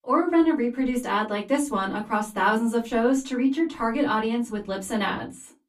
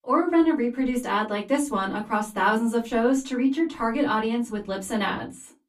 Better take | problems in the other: neither | off-mic speech; far; the same in both // room echo; very slight; dies away in 0.2 s; the same in both

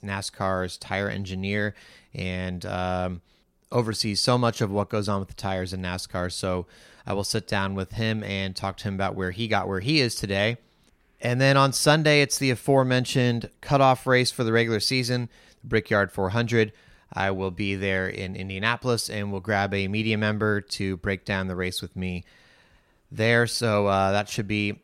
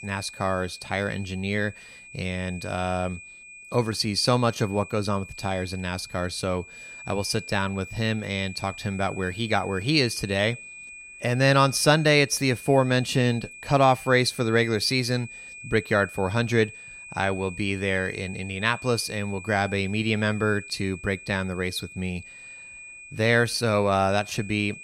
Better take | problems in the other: first | high-pitched whine; noticeable; throughout; 2.5 kHz, 15 dB below the speech

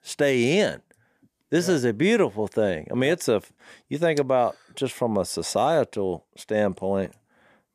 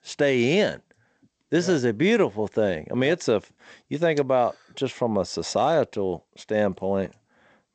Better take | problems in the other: first | garbled, watery; slightly; nothing above 8 kHz

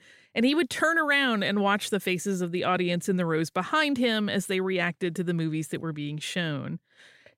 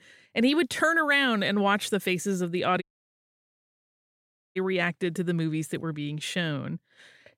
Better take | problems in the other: first | audio cutting out; at 3 s for 1.5 s

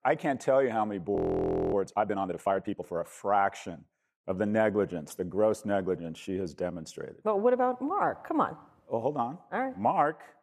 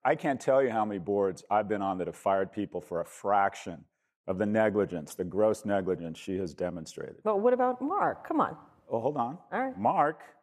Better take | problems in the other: second | audio freezing; at 1 s for 0.5 s

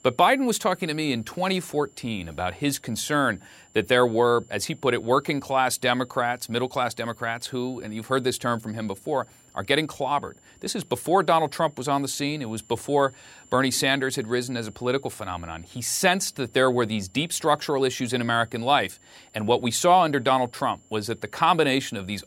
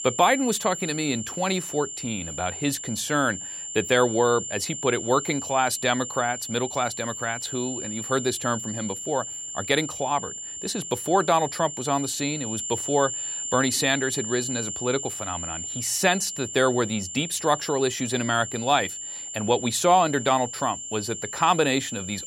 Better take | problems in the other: first | high-pitched whine; loud; throughout; 7 kHz, 6 dB below the speech; faint in the first

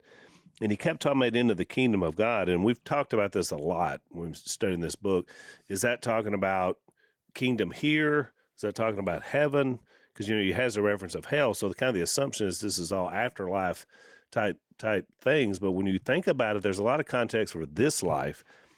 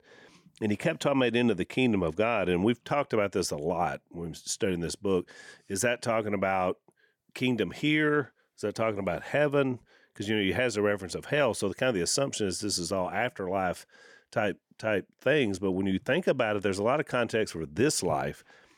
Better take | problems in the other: second | garbled, watery; slightly; nothing above 17.5 kHz

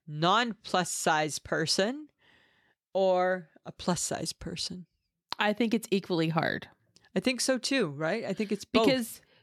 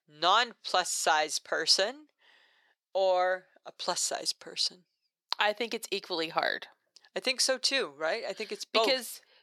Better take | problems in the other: first | thin; very; fading below 600 Hz

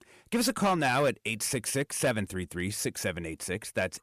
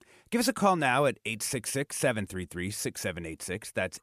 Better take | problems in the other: second | distortion; slight; 4% of the sound clipped

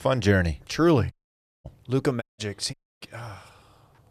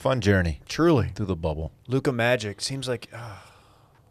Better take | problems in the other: second | audio cutting out; at 1 s for 0.5 s, at 2 s and at 2.5 s

